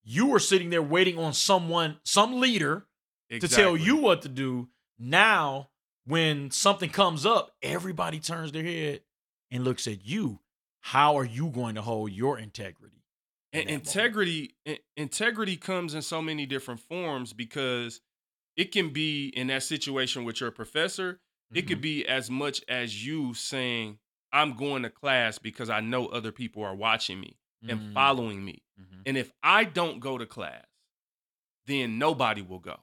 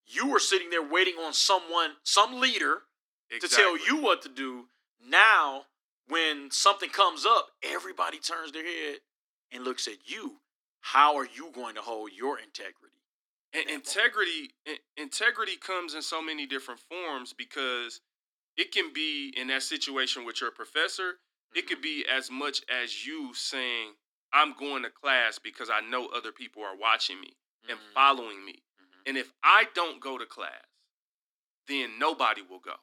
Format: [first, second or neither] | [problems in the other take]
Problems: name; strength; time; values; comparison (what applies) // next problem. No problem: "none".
first | thin; somewhat; fading below 250 Hz